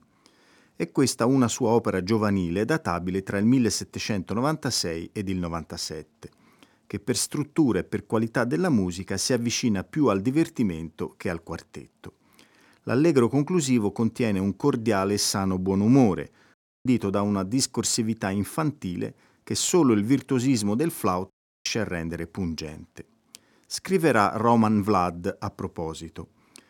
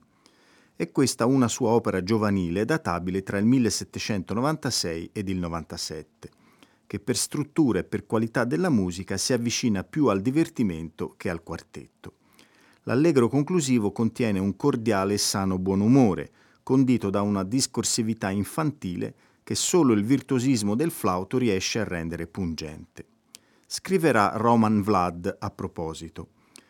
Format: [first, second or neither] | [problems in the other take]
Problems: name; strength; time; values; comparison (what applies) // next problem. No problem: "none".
second | audio cutting out; at 17 s and at 21 s